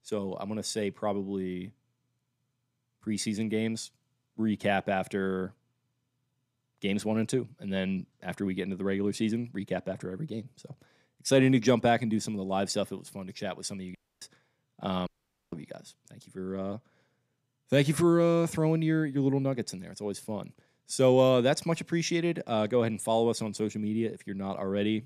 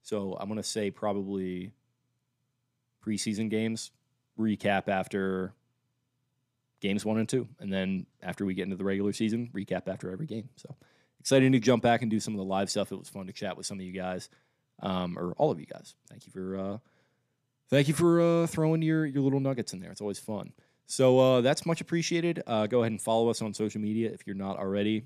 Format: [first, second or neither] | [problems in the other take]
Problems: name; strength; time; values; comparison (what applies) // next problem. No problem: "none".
second | audio cutting out; at 14 s and at 15 s